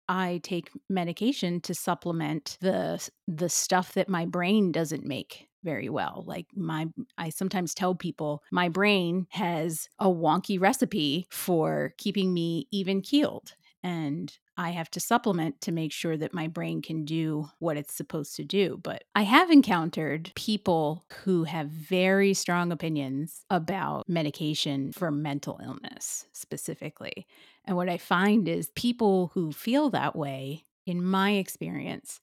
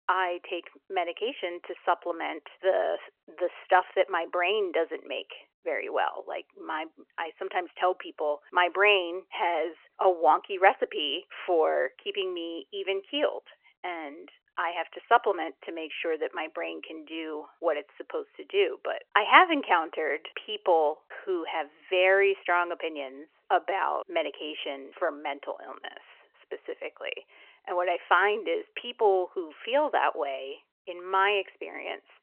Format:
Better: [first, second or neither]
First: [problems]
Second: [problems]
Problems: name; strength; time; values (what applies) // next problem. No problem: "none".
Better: first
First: none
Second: phone-call audio; nothing above 3 kHz